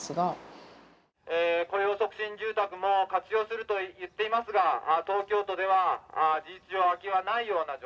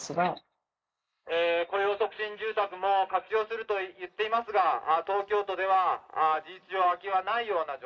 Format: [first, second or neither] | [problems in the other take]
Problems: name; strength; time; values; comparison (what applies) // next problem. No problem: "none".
first | noise reduction (neural mask model Resemble Enhance denoiser)